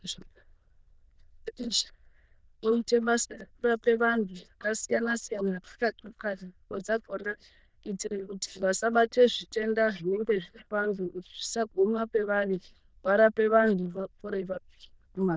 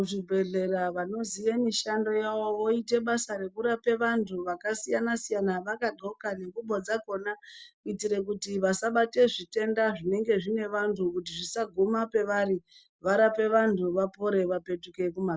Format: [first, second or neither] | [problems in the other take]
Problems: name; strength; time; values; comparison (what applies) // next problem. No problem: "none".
second | noise reduction (neural diffusion model UNIVERSE++)